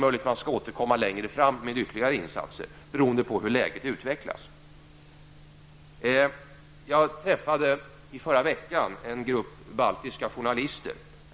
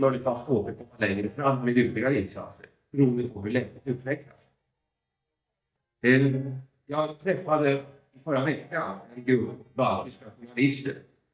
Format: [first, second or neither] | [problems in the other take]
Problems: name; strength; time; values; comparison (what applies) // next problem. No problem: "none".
first | noise reduction (neural mask model DeepFilterNet 3)